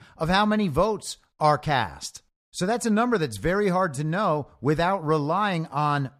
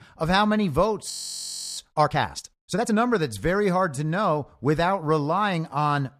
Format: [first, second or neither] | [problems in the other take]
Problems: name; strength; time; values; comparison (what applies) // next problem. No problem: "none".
first | audio freezing; at 1 s for 0.5 s